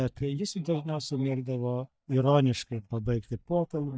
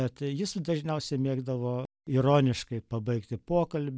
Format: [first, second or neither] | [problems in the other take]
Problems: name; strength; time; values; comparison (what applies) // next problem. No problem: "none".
second | noise reduction (neural mask model DeepFilterNet 3)